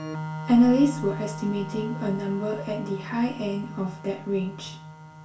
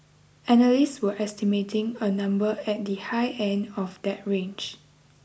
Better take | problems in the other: second | background sound (Organ); 10 dB below the speech // room echo; dies away in 0.3 s

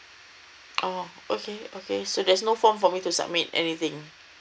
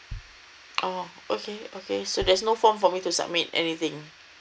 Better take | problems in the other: first | background sound (Bass drum); 20 dB below the speech

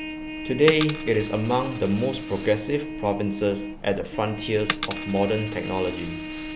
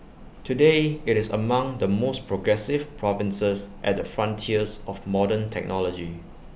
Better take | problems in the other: second | background sound (Coin (dropping) + Trumpet); 8 dB below the speech

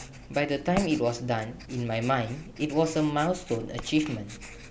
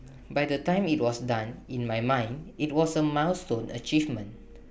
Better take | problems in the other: second | background sound (Writing); 15 dB below the speech

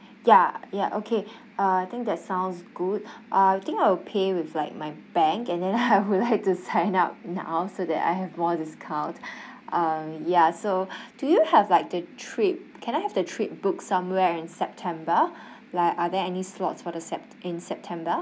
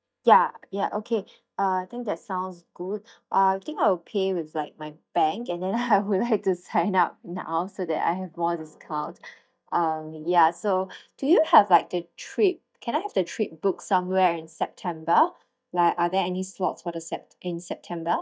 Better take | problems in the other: first | noise reduction (neural mask model DeepFilterNet 3)

